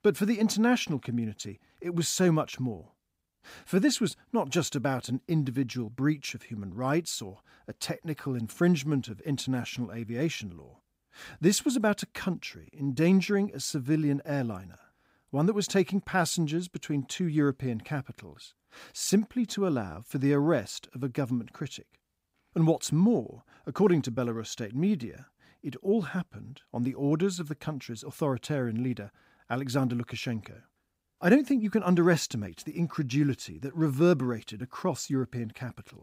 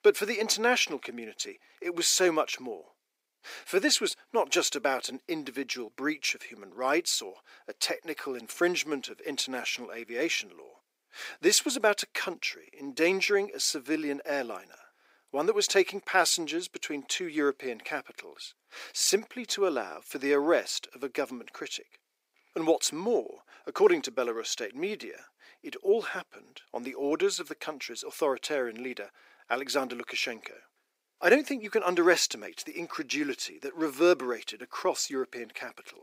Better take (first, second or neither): first